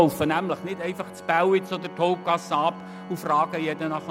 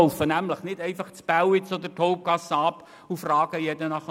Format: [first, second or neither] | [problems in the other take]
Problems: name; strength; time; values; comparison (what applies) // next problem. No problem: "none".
second | background sound (Organ); 15 dB below the speech